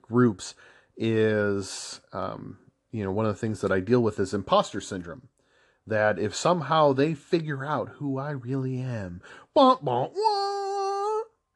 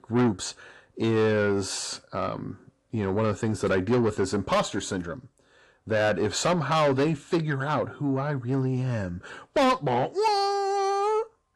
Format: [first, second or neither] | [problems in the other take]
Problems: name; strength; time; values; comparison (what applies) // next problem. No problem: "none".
first | distortion; heavy; 8 dB below the speech